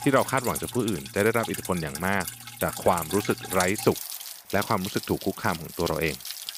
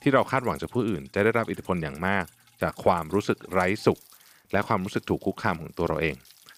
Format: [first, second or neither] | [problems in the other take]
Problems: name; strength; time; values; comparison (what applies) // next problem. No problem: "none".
second | rain or running water; loud; throughout; 7 dB below the speech; faint in the second